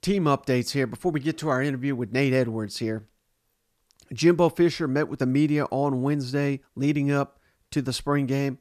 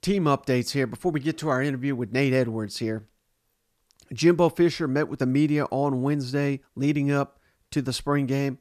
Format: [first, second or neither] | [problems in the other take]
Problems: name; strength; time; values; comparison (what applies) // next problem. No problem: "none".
neither | none